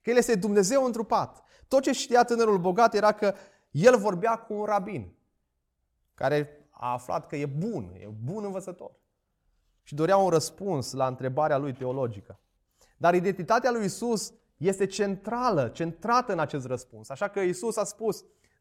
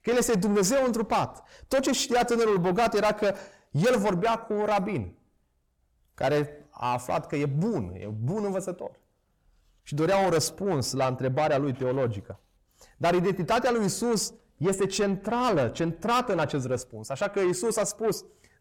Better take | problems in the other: first | distortion; heavy; 7 dB below the speech

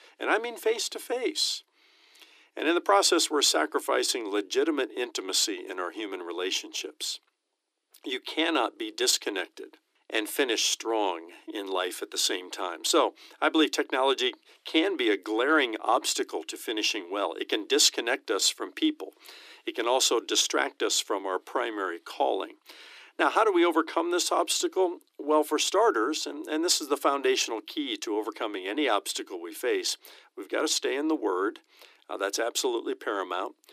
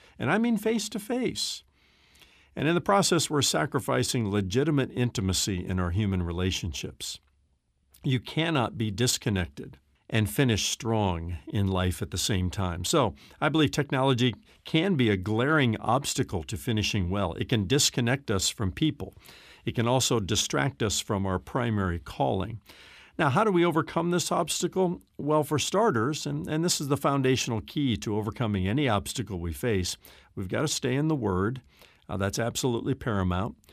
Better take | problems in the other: second | thin; very; fading below 300 Hz

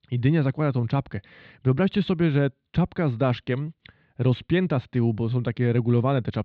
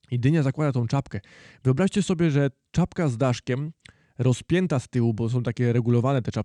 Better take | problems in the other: second | muffled; slightly; fading above 4 kHz

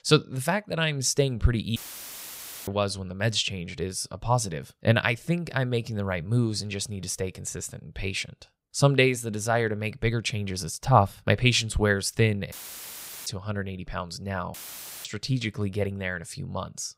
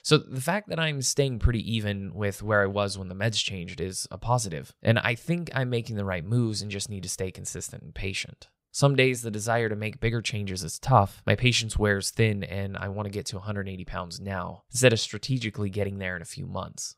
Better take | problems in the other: second | audio cutting out; filled with static; at 2 s for 1 s, at 13 s for 0.5 s and at 15 s for 0.5 s

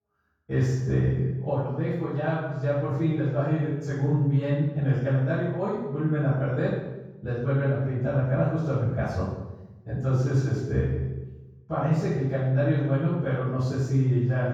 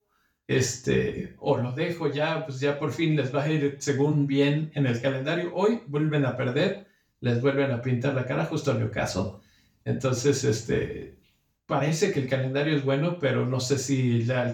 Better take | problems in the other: second | room echo; strong; dies away in 1.3 s; slight in the second // off-mic speech; far; far in the second

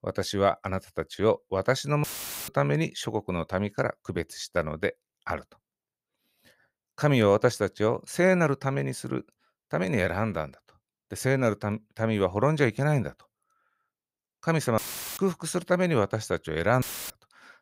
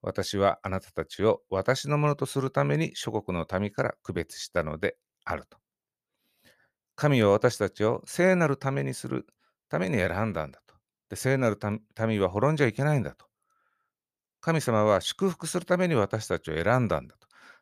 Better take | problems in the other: second | audio cutting out; filled with static; at 2 s, at 15 s and at 17 s

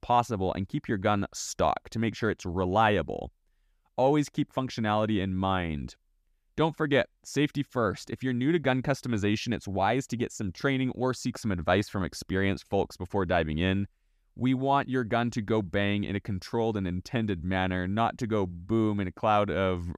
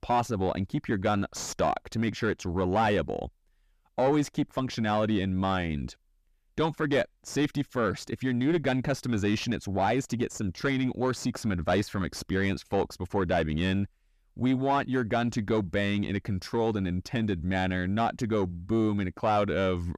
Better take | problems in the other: first | distortion; slight; 10 dB below the speech

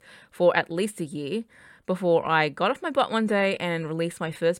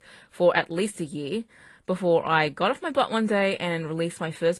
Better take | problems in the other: first | garbled, watery; slightly; nothing above 11 kHz

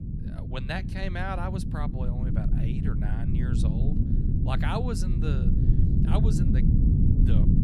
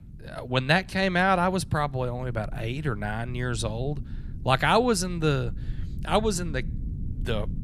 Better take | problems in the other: second | low rumble; loud; throughout; 1 dB below the speech; faint in the second

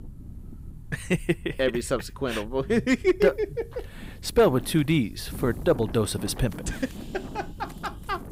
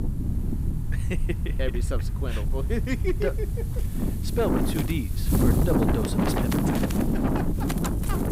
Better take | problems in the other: first | wind noise on the microphone; heavy; 3 dB above the speech; occasional gusts in the first

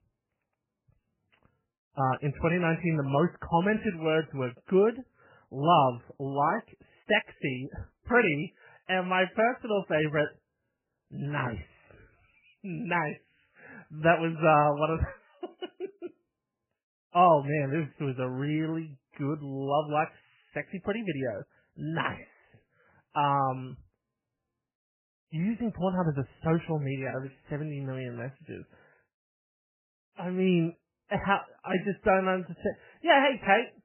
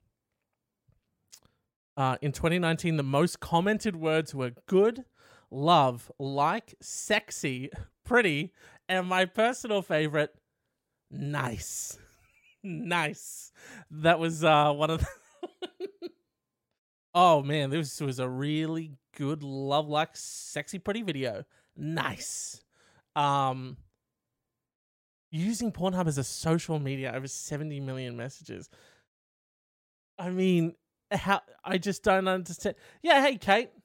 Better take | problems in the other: second | garbled, watery; badly; nothing above 3 kHz

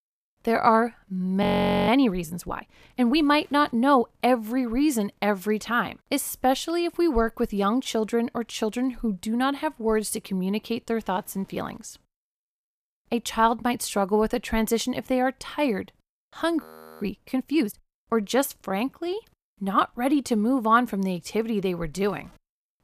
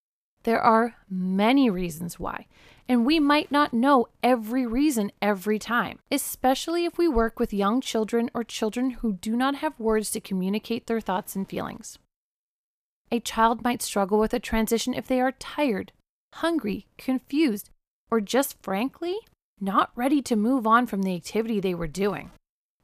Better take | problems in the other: second | audio freezing; at 1.5 s and at 17 s

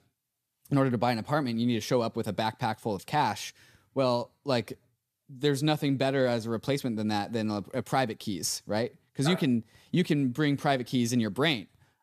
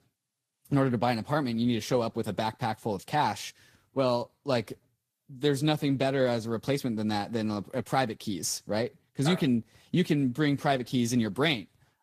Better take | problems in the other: first | garbled, watery; slightly; nothing above 14.5 kHz

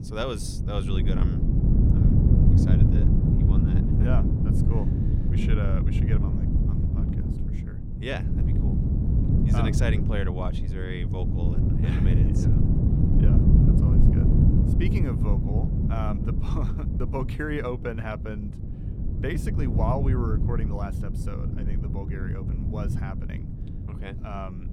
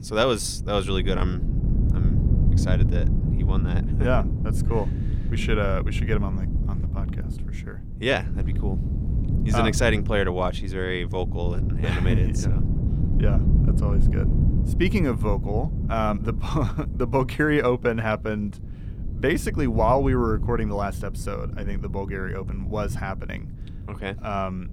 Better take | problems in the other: second | wind noise on the microphone; heavy; 1 dB above the speech; occasional gusts in the second

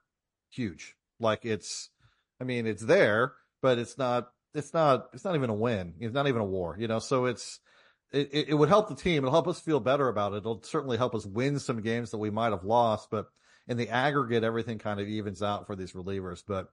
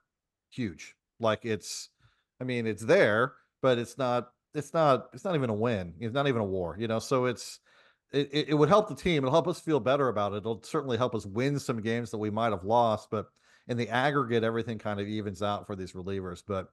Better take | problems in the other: second | garbled, watery; slightly; nothing above 10.5 kHz

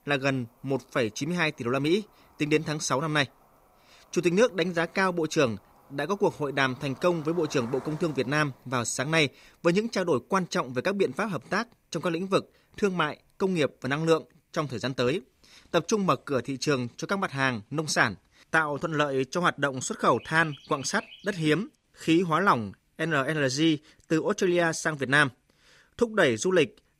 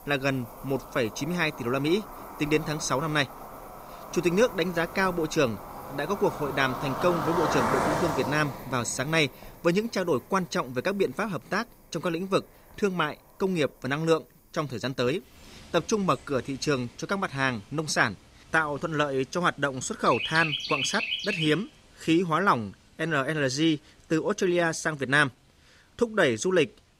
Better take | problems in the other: first | animal sounds; loud; throughout; 6 dB below the speech; faint in the first

